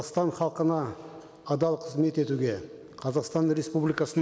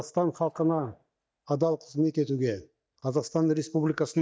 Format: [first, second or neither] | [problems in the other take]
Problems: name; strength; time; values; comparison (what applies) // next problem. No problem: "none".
first | noise reduction (neural mask model DeepFilterNet 3)